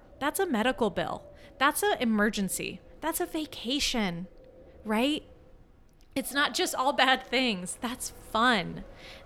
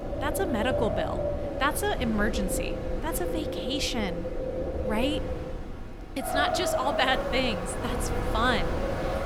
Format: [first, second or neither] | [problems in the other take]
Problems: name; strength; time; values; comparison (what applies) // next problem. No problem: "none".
first | wind in the background; loud; throughout; 2 dB below the speech; faint in the first